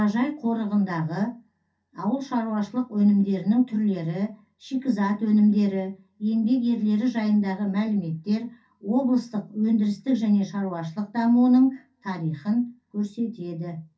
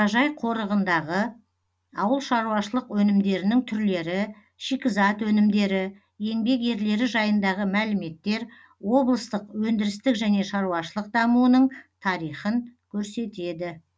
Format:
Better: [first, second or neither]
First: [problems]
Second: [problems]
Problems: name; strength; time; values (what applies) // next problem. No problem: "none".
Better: second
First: room echo; dies away in 0.3 s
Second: none